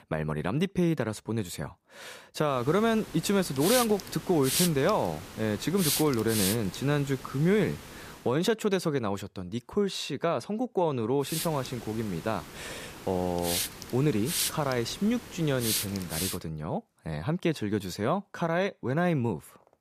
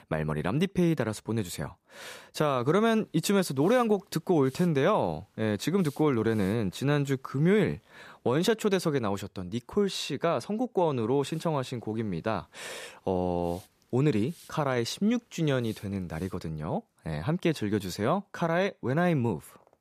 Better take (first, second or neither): second